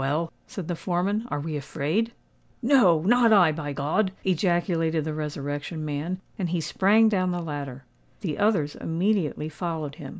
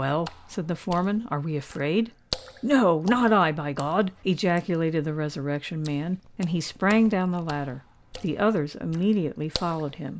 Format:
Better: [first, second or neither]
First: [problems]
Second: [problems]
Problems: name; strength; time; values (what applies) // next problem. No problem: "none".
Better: first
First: none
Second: background sound (Water / Splash, splatter); 18 dB below the speech